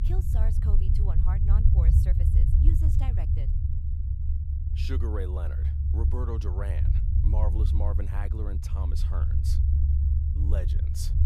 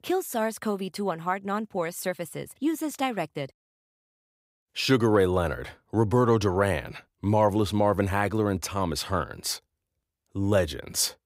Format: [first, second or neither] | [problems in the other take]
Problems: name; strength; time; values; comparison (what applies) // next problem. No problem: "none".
second | low rumble; loud; throughout; as loud as the speech